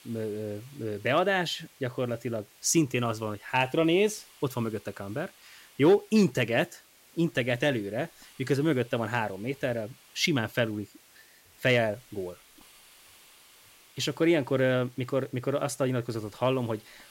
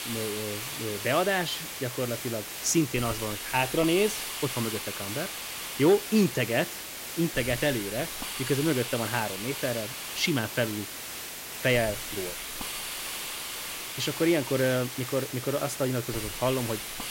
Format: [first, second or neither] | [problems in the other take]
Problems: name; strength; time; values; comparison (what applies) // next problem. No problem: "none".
first | hiss; loud; throughout; 5 dB below the speech; faint in the first